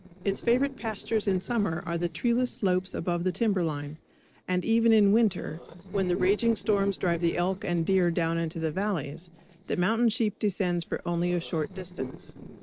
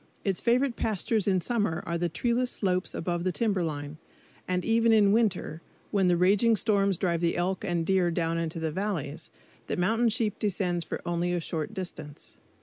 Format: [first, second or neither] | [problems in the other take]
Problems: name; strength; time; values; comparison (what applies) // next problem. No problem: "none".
second | noise reduction (neural separator model SepFormer DNS4)